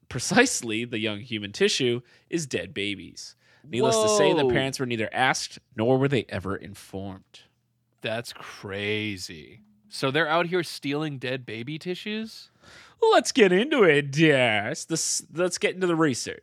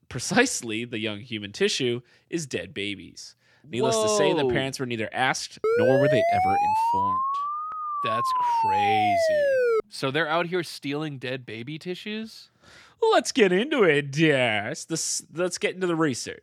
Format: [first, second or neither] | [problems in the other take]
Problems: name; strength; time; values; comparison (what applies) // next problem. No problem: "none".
first | siren; loud; from 5.5 to 10 s; peak 4 dB above the speech